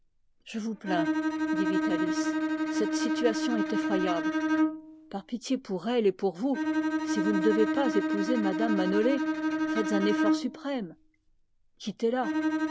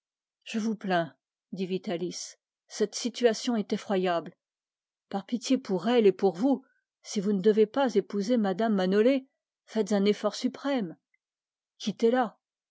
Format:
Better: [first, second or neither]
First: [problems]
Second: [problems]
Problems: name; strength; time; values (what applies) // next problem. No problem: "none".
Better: second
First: background sound (Bowed string instrument); 2 dB above the speech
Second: none